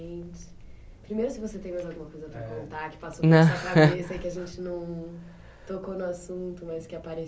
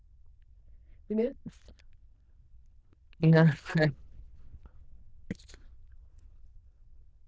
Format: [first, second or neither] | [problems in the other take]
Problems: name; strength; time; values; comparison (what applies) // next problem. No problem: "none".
first | noise reduction (neural diffusion model UNIVERSE++)